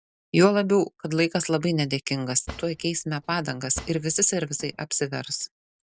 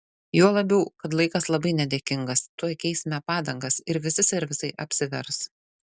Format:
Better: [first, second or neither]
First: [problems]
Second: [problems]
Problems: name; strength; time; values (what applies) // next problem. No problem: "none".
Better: second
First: background sound (Cutlery, silverware / Drawer open or close); 18 dB below the speech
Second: none